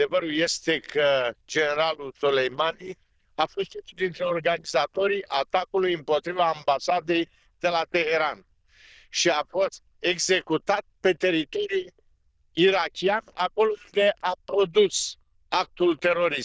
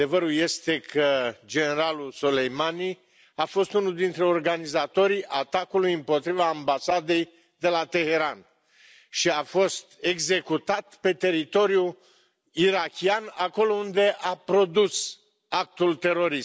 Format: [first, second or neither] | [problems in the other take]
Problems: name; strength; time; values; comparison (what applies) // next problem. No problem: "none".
second | noise reduction (neural diffusion model UNIVERSE++)